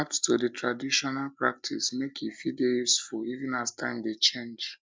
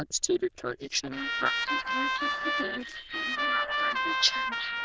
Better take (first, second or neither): first